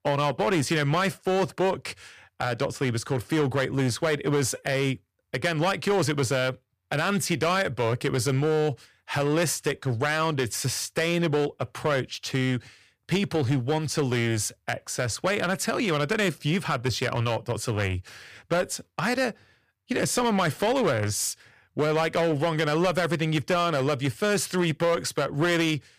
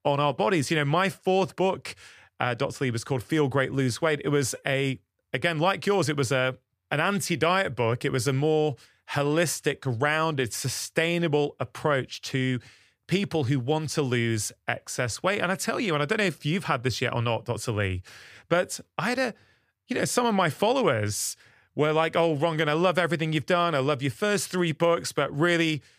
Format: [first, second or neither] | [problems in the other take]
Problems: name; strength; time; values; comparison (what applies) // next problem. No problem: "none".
second | distortion; slight; 10% of the sound clipped